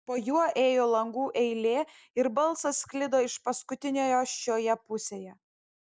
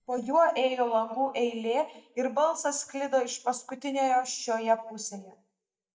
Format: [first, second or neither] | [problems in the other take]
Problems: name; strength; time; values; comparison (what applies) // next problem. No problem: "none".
first | noise reduction (neural mask model DeepFilterNet 3)